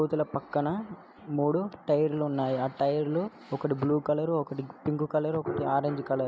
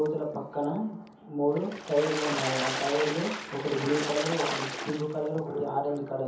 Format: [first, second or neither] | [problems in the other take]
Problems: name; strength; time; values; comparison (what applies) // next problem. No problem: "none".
first | background sound (Water / Splash, splatter); 6 dB below the speech // room echo; dies away in 0.7 s